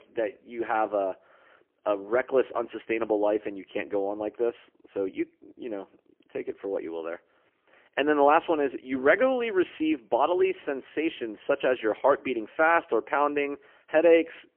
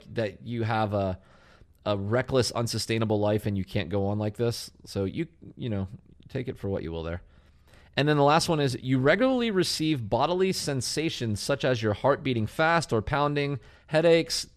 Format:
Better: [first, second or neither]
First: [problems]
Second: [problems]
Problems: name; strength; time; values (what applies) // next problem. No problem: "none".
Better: second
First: phone-call audio; poor line; nothing above 3 kHz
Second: none